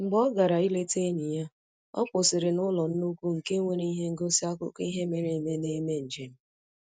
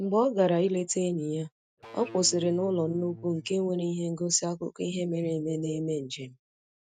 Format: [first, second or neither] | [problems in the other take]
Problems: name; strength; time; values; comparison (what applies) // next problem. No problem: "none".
first | noise reduction (neural mask model RNNoise)